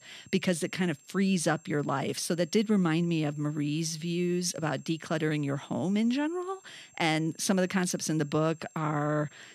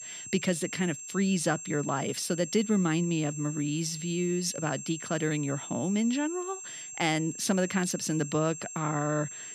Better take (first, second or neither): first